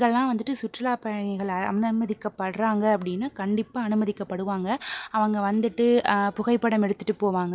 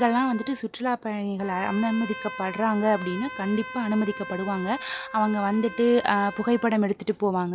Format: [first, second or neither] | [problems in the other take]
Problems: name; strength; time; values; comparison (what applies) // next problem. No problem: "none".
first | background sound (Trumpet); 14 dB below the speech